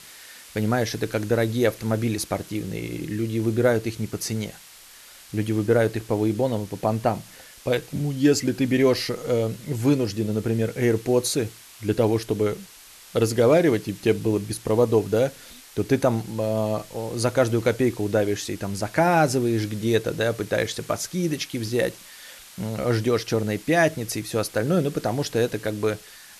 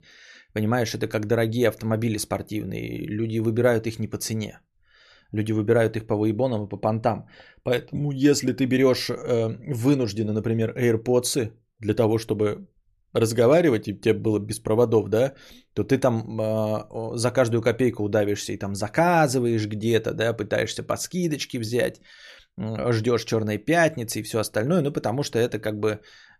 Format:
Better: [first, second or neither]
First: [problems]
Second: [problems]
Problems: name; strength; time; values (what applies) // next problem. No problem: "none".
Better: second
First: hiss; noticeable; throughout; 20 dB below the speech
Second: none